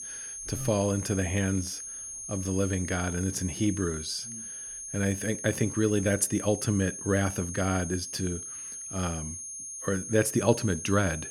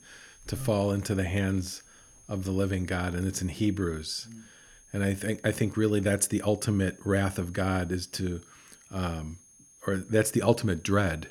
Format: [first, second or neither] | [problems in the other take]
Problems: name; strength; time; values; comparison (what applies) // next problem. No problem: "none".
second | high-pitched whine; loud; throughout; 6.5 kHz, 7 dB below the speech; faint in the second